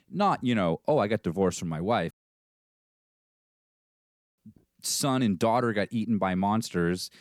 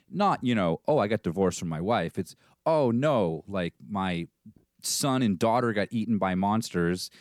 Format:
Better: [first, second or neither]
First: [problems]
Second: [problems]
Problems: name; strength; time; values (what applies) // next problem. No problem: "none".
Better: second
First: audio cutting out; at 2 s for 2.5 s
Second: none